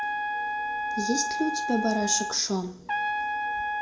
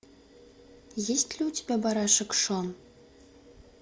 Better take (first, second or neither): second